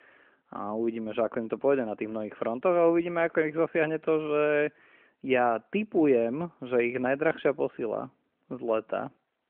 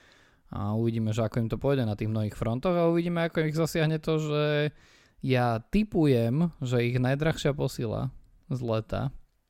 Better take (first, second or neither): second